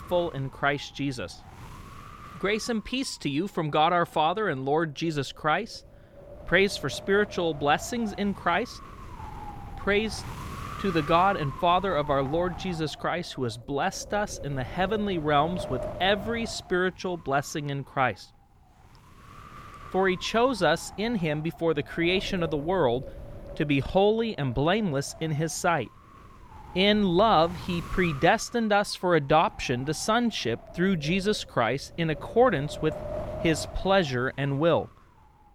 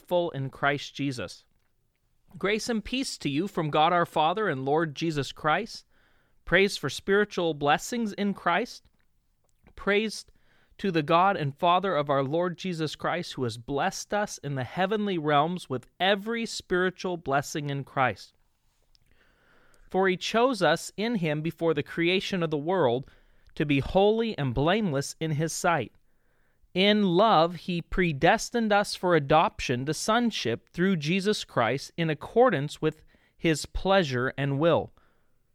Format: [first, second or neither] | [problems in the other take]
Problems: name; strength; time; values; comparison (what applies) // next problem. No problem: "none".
second | wind noise on the microphone; occasional gusts; 15 dB below the speech